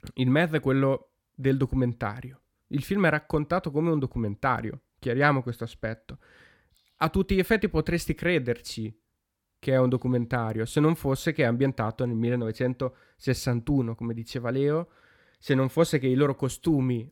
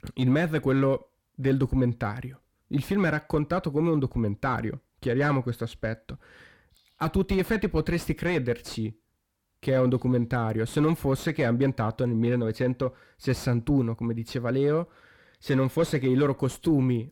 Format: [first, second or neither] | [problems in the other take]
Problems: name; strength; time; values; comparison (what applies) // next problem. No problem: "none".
first | distortion; slight; 10 dB below the speech